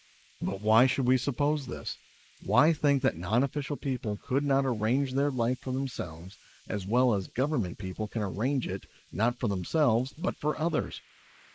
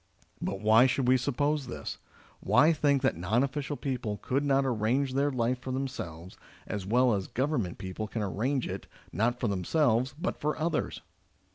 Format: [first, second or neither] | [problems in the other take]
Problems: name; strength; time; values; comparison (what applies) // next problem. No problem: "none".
second | noise reduction (neural mask model Resemble Enhance denoiser)